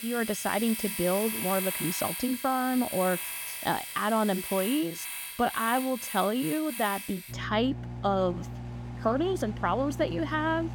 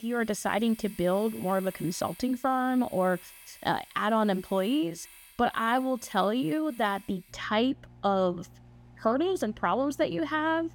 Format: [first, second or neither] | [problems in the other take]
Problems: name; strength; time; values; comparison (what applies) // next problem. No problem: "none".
second | household noises; loud; throughout; 6 dB below the speech; faint in the second